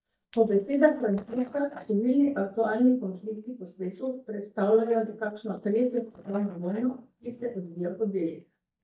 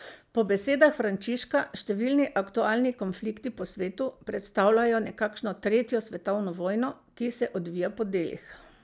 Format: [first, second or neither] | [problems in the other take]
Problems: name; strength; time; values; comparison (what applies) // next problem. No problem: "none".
second | noise reduction (neural mask model DeepFilterNet 3)